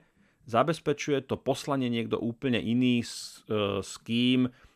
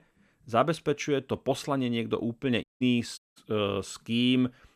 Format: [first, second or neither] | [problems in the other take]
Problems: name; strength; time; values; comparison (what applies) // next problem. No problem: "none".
first | audio cutting out; at 2.5 s and at 3 s